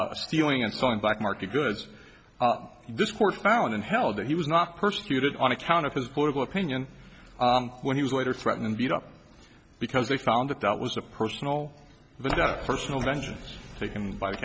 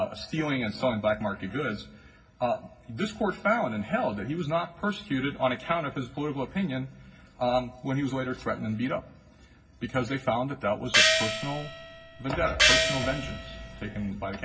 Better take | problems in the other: first | background sound (Gong); 3 dB above the speech // room echo; dies away in 0.4 s

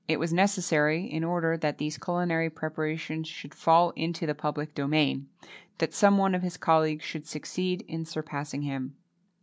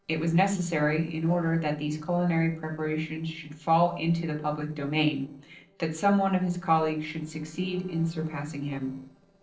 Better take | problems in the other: first | noise reduction (neural separator model SepFormer DNS4)

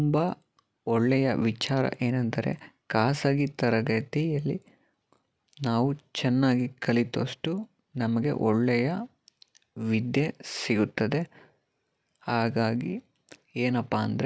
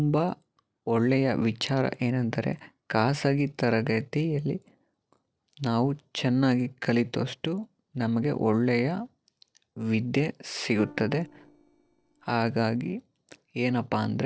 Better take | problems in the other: first | noise reduction (neural separator model SepFormer DNS4)

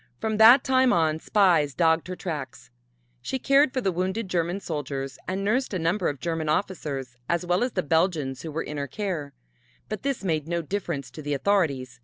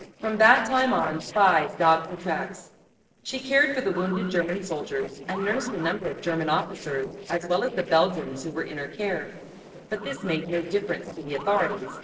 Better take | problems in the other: first | noise reduction (neural separator model SepFormer DNS4)

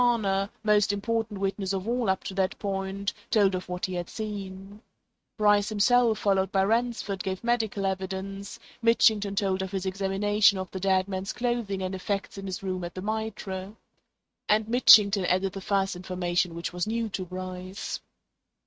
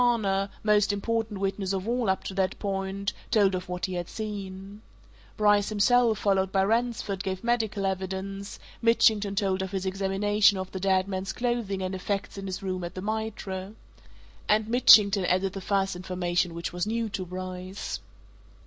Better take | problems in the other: second | noise reduction (neural mask model RNNoise)

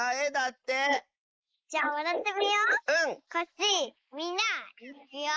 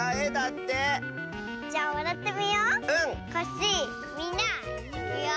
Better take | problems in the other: second | noise reduction (neural mask model Resemble Enhance denoiser)

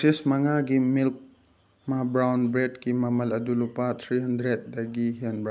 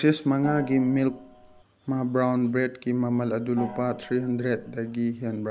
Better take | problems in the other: first | background sound (Gong); 15 dB below the speech

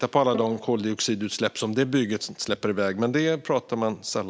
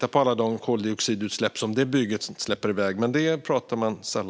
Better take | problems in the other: second | background sound (Bowed string instrument); 17 dB below the speech

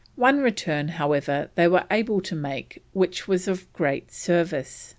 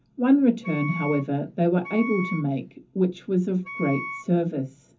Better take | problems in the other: first | background sound (Wind instrument, woodwind instrument); 12 dB below the speech // room echo; dies away in 0.3 s

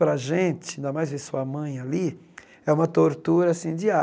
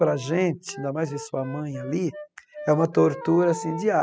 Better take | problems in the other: first | noise reduction (classical method spectral subtraction)

